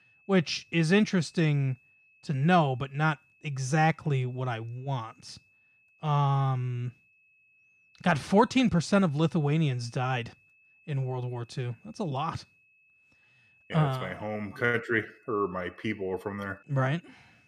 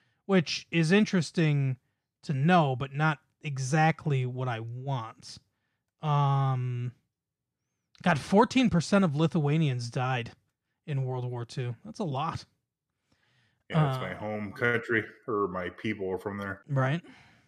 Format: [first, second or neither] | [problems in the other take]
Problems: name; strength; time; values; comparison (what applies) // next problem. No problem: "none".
second | high-pitched whine; faint; throughout; 2.5 kHz, 35 dB below the speech